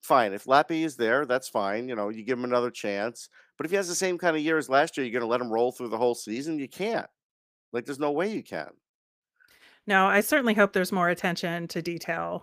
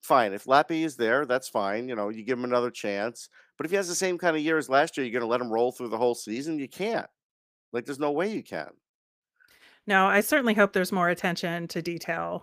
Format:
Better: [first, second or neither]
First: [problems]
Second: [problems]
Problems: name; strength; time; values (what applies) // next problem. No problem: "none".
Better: neither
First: none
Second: none